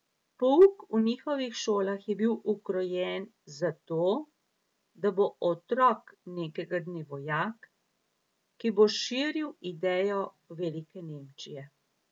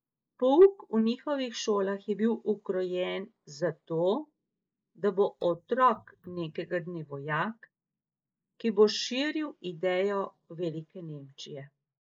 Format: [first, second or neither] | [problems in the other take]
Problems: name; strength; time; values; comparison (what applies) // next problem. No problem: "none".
first | noise reduction (neural mask model Resemble Enhance denoiser)